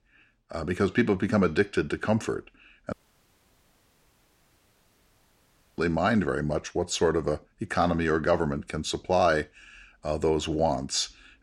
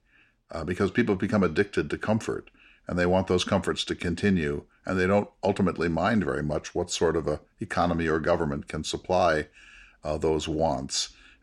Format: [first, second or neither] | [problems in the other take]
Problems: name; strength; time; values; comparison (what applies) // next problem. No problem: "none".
second | audio cutting out; at 3 s for 3 s